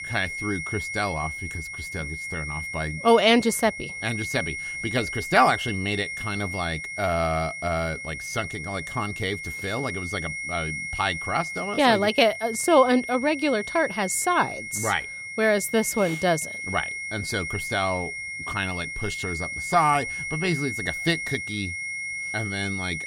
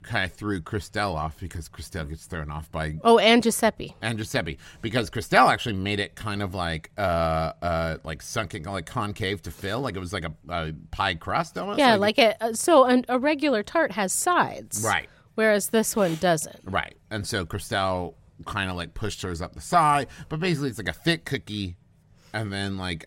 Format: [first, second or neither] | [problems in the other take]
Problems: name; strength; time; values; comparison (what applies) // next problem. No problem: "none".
second | high-pitched whine; loud; throughout; 2 kHz, 6 dB below the speech